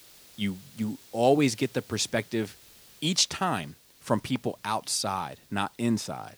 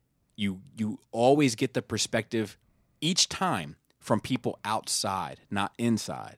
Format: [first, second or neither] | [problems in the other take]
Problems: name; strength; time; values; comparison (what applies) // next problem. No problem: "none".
second | hiss; faint; throughout; 25 dB below the speech